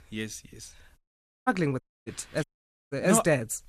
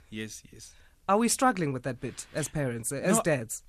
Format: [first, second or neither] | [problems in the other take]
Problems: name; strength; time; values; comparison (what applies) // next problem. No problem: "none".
second | audio cutting out; at 1 s, at 2 s and at 2.5 s